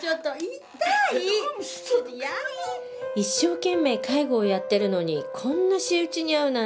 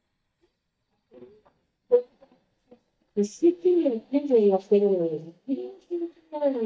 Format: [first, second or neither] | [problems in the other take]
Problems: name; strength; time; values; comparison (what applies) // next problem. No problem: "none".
first | noise reduction (neural mask model DeepFilterNet 3)